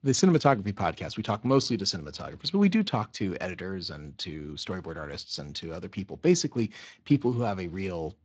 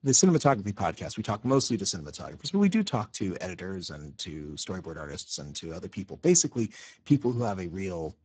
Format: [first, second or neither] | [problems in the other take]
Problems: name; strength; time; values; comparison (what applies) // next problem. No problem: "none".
first | garbled, watery; badly; nothing above 7.5 kHz; slightly in the first